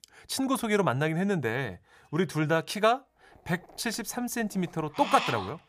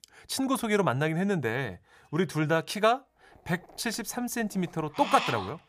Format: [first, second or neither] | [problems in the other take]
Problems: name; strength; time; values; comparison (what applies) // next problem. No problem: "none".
neither | animal sounds; loud; from 3.5 s on; 7 dB below the speech; the same in both